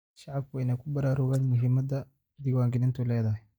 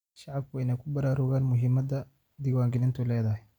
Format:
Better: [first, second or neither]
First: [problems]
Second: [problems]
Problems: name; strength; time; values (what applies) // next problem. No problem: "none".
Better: second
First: noise reduction (neural mask model DeepFilterNet 3)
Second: none